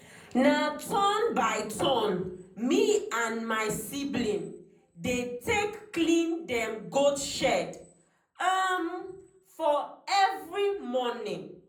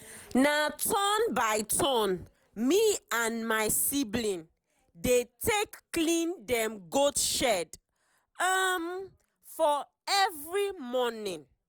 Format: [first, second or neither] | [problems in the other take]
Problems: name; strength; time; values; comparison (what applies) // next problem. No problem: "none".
second | room echo; dies away in 0.6 s